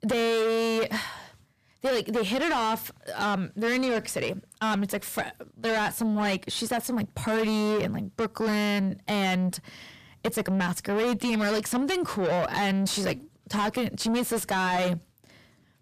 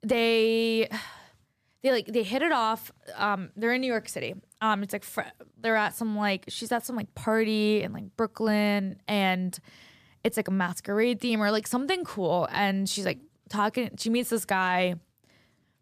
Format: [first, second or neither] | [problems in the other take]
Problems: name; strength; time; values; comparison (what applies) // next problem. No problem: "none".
second | distortion; heavy; 6 dB below the speech